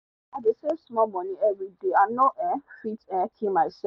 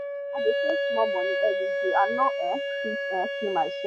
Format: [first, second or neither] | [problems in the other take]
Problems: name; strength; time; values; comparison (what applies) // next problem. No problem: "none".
first | background sound (Wind instrument, woodwind instrument); 1 dB above the speech